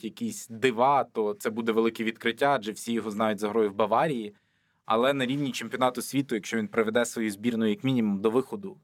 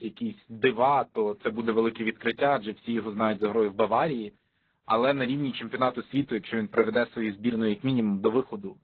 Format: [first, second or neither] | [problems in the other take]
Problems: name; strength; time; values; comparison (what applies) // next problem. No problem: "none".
first | garbled, watery; badly; nothing above 4 kHz